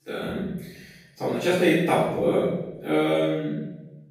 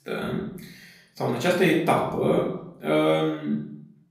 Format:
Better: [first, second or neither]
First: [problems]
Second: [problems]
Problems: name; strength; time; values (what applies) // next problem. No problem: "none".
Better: second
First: room echo; strong; dies away in 0.9 s // off-mic speech; far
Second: room echo; slight; dies away in 0.6 s // off-mic speech; far